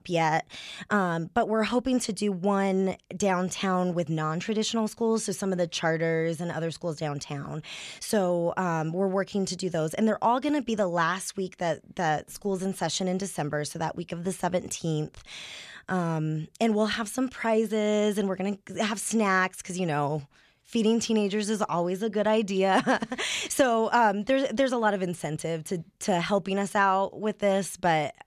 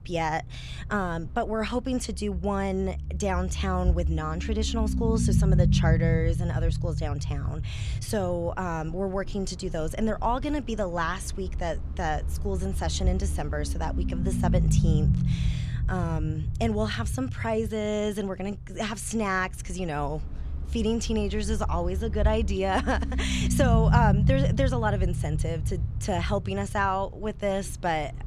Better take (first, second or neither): first